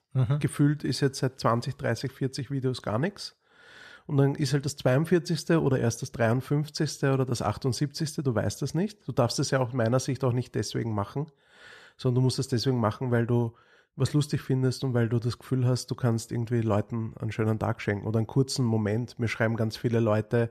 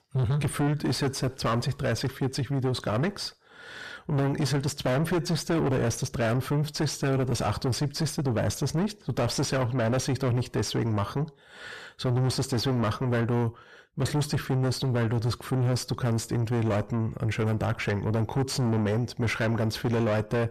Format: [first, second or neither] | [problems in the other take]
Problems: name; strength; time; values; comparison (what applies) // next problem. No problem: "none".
first | distortion; heavy; 5 dB below the speech